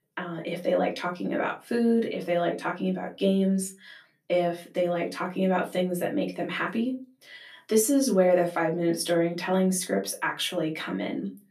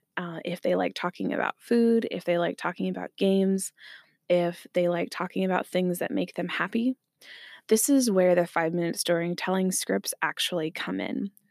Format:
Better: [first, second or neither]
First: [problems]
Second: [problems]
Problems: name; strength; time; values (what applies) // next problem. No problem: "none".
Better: second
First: off-mic speech; far // room echo; very slight; dies away in 0.2 s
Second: none